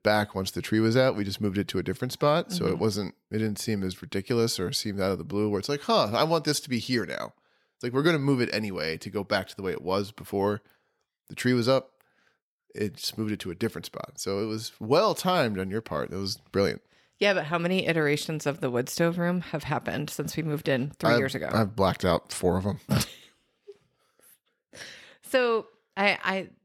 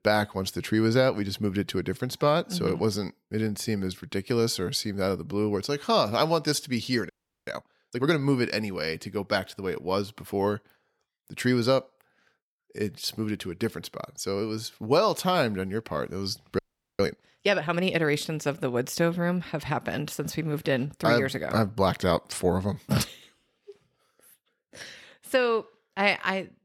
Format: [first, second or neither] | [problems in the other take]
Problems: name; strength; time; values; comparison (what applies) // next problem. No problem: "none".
first | audio freezing; at 7 s and at 17 s